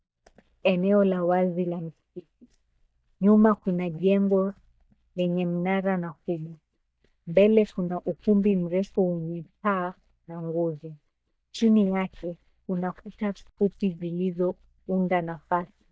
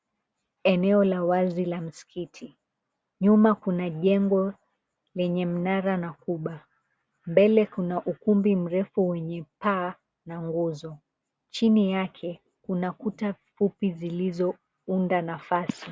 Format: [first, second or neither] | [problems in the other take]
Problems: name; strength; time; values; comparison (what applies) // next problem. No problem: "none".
second | noise reduction (neural mask model DeepFilterNet 3)